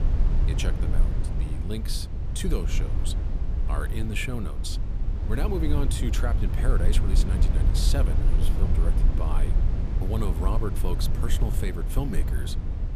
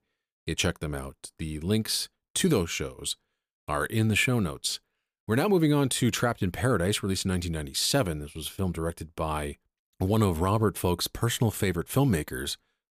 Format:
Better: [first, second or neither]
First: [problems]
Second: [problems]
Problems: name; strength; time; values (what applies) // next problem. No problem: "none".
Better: second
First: low rumble; loud; throughout; 5 dB below the speech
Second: none